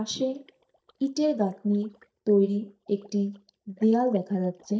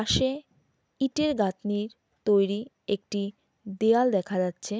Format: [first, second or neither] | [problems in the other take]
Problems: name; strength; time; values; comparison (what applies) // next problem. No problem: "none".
second | noise reduction (neural mask model DeepFilterNet 3)